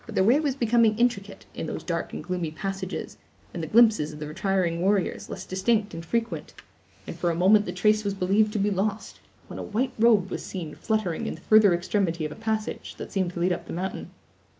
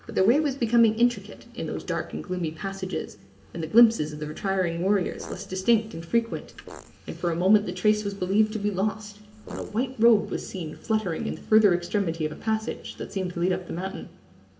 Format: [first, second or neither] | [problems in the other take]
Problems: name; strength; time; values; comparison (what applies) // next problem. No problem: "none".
first | background sound (Fart); 17 dB below the speech // room echo; dies away in 2.2 s